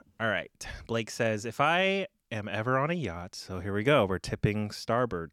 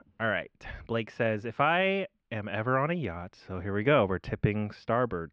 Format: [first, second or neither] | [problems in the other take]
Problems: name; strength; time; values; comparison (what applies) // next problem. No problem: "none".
first | muffled; very; fading above 3 kHz